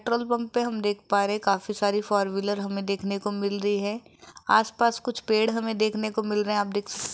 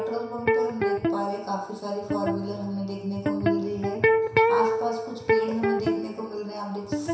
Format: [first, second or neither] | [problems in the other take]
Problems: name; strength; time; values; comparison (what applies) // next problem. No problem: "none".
first | background sound (Electric guitar); 5 dB above the speech // room echo; dies away in 0.7 s